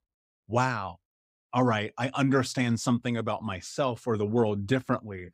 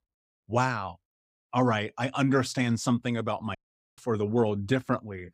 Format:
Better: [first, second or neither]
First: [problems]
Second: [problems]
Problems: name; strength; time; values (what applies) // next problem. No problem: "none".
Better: first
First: none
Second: audio cutting out; at 3.5 s